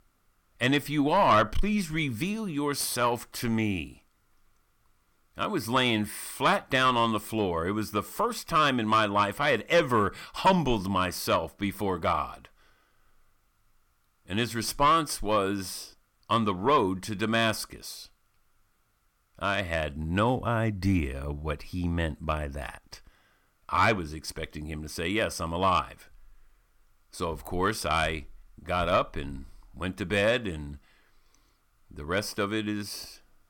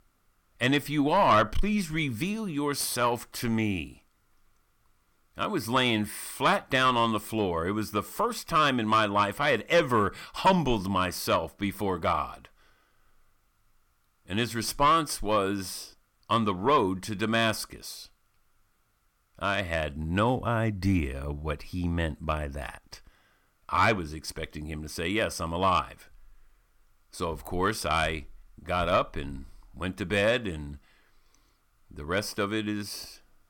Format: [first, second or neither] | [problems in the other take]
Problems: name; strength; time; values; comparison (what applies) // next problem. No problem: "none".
neither | distortion; slight; 10 dB below the speech; the same in both